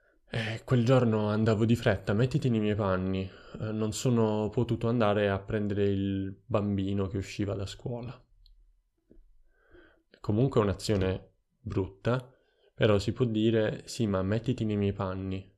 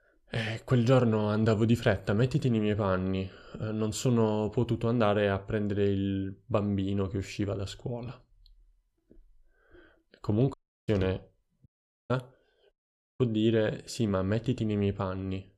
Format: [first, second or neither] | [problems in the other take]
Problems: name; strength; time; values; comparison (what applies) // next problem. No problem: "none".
first | audio cutting out; at 11 s, at 12 s and at 13 s